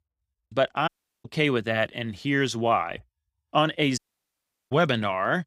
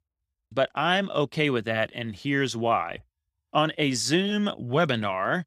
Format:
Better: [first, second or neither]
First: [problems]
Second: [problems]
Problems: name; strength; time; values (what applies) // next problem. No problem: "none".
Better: second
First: audio cutting out; at 1 s and at 4 s for 0.5 s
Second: none